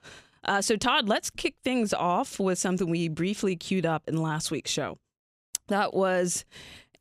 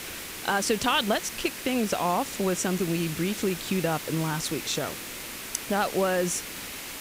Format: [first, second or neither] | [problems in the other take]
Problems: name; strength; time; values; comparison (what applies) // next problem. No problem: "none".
first | hiss; loud; throughout; 8 dB below the speech